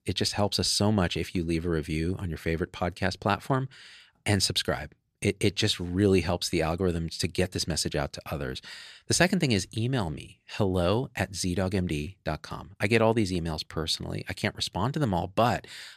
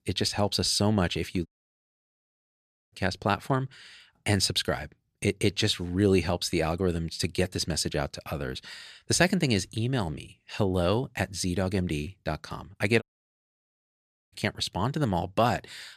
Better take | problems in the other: first | audio cutting out; at 1.5 s for 1.5 s and at 13 s for 1.5 s

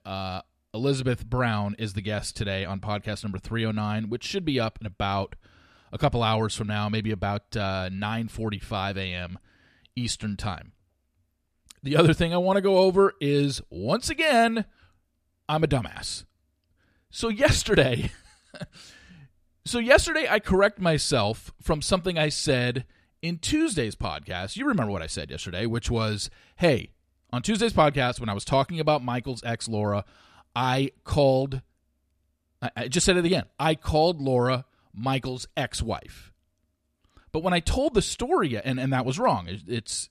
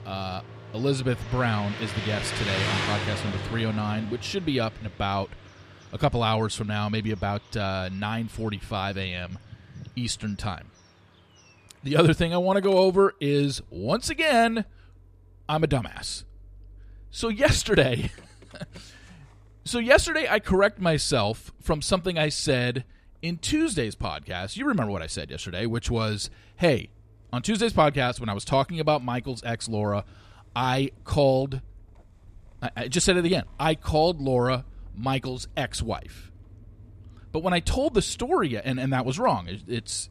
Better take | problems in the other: first | traffic noise; noticeable; throughout; 15 dB below the speech

